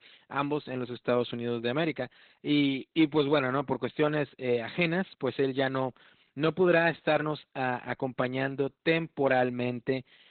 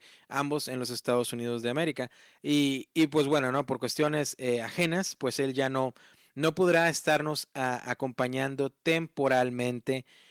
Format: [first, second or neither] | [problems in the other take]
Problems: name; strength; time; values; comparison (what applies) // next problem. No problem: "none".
second | garbled, watery; badly; nothing above 4 kHz; slightly in the second